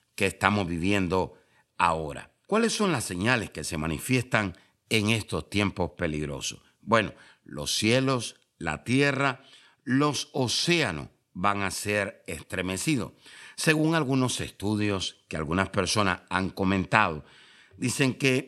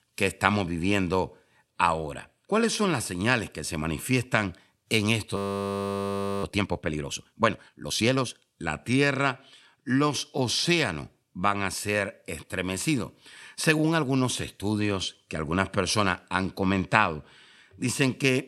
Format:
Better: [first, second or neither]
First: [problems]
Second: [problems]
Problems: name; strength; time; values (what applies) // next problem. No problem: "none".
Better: first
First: none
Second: audio freezing; at 5.5 s for 1 s